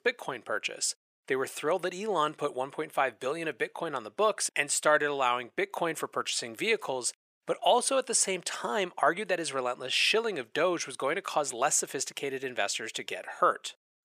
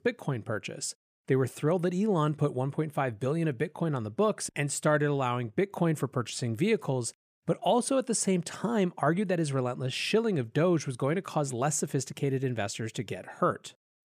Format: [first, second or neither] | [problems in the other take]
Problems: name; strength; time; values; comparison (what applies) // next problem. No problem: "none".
second | thin; very; fading below 550 Hz